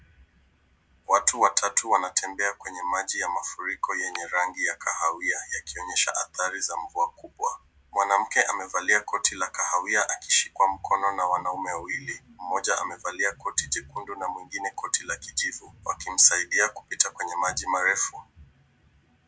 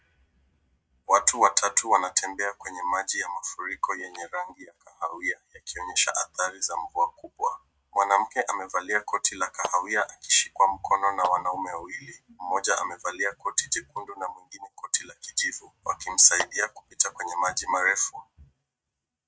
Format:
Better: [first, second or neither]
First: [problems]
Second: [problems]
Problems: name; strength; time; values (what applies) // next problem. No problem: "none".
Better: first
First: none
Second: noise reduction (neural mask model RNNoise)